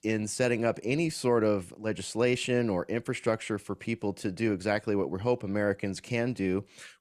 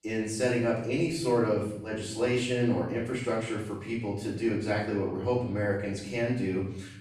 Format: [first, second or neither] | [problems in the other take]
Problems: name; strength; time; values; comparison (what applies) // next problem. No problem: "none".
first | room echo; noticeable; dies away in 0.7 s // off-mic speech; far